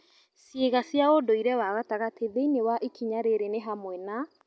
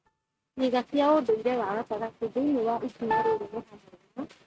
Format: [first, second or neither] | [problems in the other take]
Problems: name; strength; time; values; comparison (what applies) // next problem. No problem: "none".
first | noise reduction (neural mask model RNNoise)